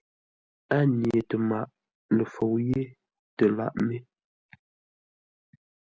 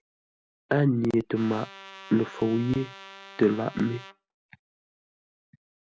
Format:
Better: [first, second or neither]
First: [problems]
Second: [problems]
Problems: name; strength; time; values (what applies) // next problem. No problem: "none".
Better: first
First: none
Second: background sound (Trumpet); 17 dB below the speech